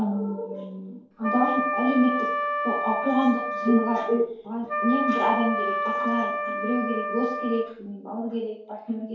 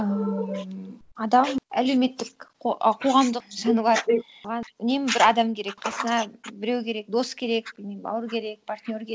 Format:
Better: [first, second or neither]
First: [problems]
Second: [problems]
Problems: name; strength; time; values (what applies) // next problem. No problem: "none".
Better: second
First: background sound (Wind instrument, woodwind instrument); 2 dB below the speech // room echo; dies away in 2.4 s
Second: none